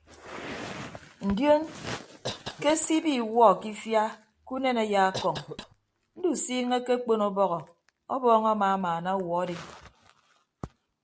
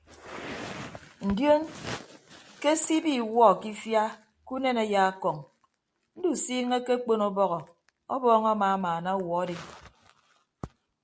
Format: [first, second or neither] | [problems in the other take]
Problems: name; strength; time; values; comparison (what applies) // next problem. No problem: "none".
second | background sound (Cough); 15 dB below the speech